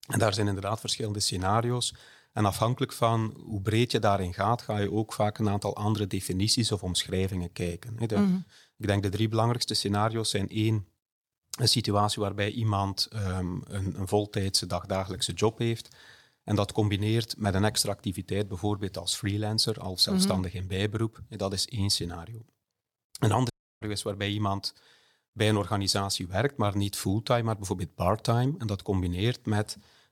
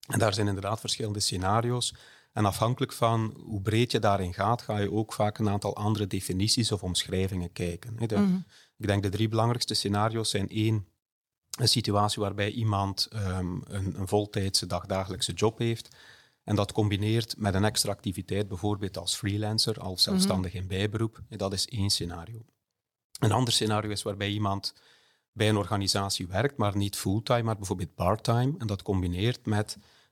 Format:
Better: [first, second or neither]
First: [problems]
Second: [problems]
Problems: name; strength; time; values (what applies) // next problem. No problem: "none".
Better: second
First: audio cutting out; at 24 s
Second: none